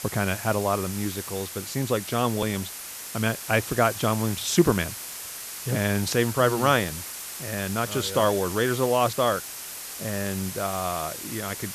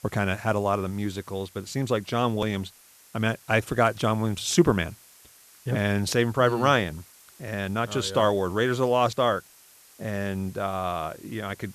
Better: second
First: hiss; loud; throughout; 8 dB below the speech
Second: hiss; faint; throughout; 25 dB below the speech

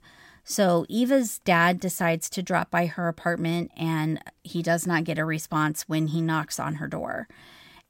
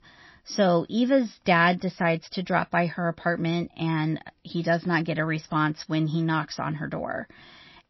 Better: first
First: none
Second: garbled, watery; slightly; nothing above 5.5 kHz

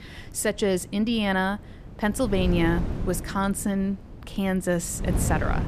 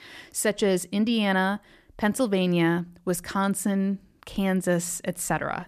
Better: second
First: wind noise on the microphone; occasional gusts; 10 dB below the speech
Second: none

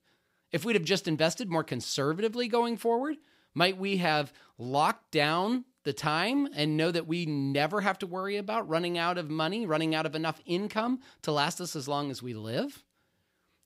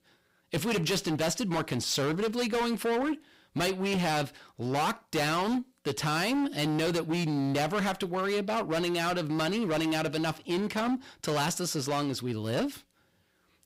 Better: first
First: none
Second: distortion; heavy; 23% of the sound clipped

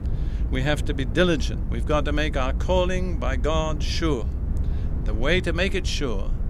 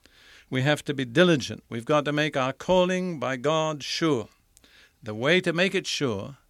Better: second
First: low rumble; noticeable; throughout; 15 dB below the speech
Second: none

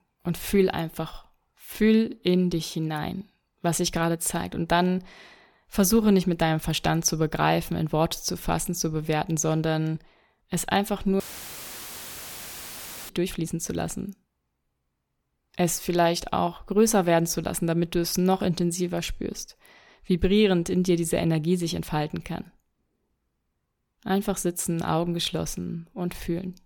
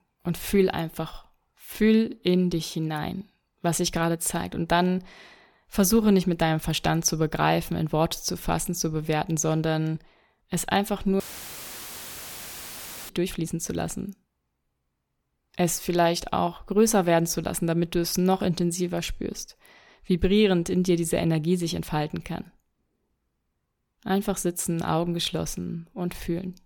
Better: neither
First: audio cutting out; filled with static; at 11 s for 2 s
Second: audio cutting out; filled with static; at 11 s for 2 s

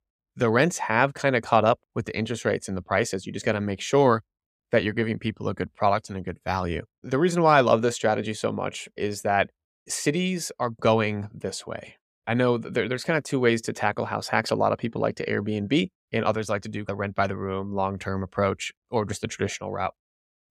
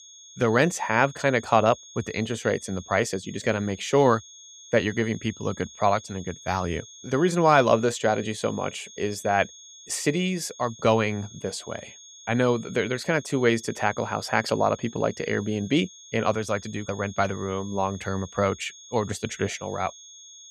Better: first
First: none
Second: high-pitched whine; noticeable; throughout; 6.5 kHz, 20 dB below the speech

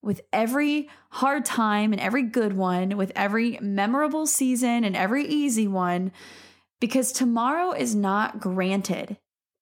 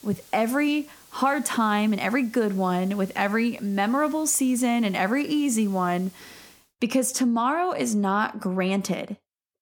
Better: first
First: none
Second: hiss; faint; until 6.5 s; 25 dB below the speech

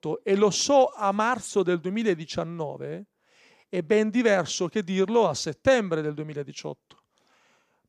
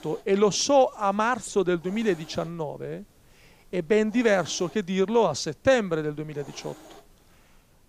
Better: first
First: none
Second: hiss; faint; throughout; 25 dB below the speech

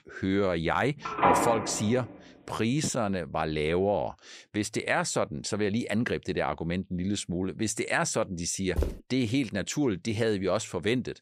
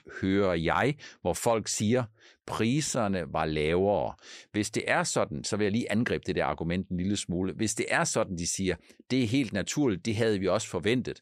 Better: second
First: phone ringing; loud; from 1 to 3 s; peak 5 dB above the speech // footsteps; noticeable; at 9 s; peak 4 dB below the speech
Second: none

